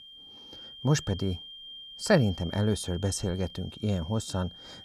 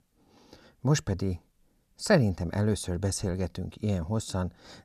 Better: second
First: high-pitched whine; noticeable; throughout; 3 kHz, 15 dB below the speech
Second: none

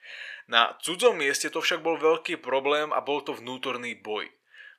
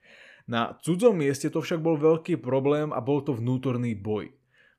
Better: second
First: thin; very; fading below 700 Hz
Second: none

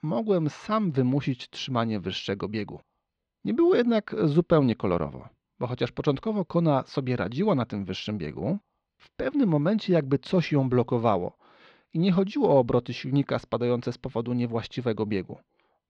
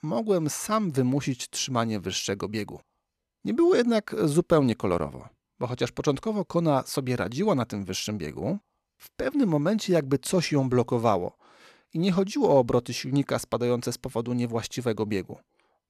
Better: second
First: muffled; slightly; fading above 4 kHz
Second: none

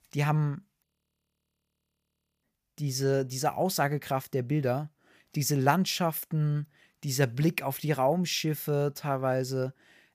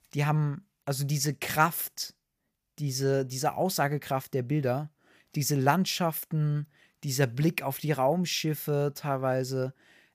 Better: second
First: audio freezing; at 1 s for 1.5 s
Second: none

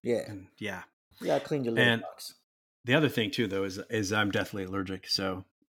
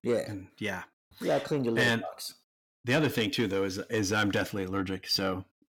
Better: first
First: none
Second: distortion; slight; 10 dB below the speech

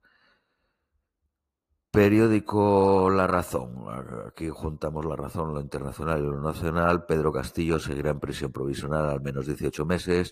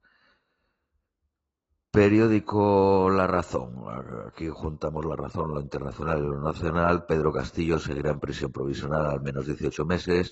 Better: first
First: garbled, watery; slightly; nothing above 15 kHz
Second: garbled, watery; badly; nothing above 8 kHz

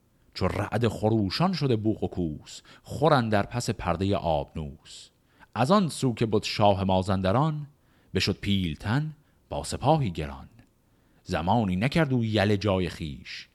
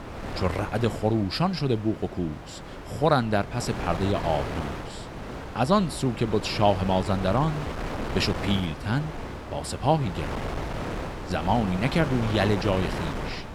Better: first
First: none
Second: wind noise on the microphone; heavy; 8 dB below the speech

